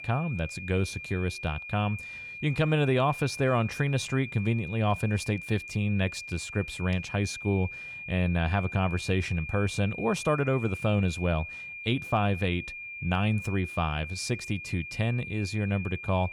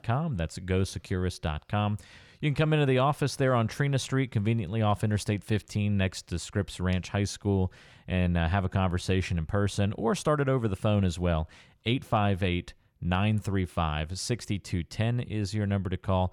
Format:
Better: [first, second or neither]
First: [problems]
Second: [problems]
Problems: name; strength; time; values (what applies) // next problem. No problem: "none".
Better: second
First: high-pitched whine; loud; throughout; 2.5 kHz, 9 dB below the speech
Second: none